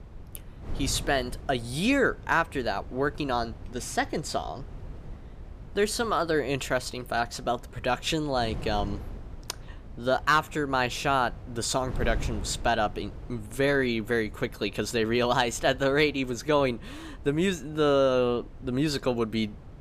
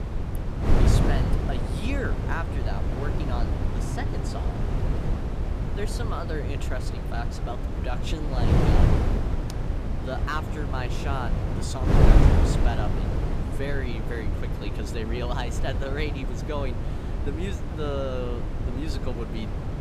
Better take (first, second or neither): first